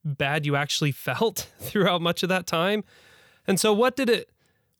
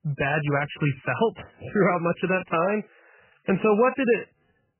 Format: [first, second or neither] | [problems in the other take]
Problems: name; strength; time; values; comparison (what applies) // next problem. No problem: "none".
first | garbled, watery; badly; nothing above 2.5 kHz